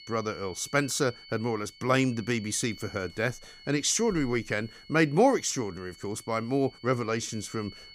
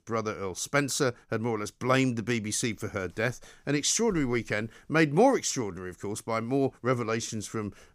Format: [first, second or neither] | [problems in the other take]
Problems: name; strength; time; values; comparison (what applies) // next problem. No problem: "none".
second | high-pitched whine; noticeable; throughout; 4.5 kHz, 20 dB below the speech